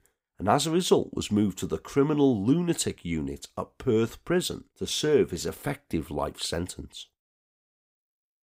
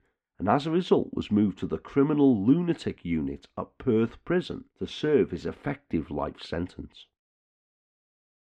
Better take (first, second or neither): first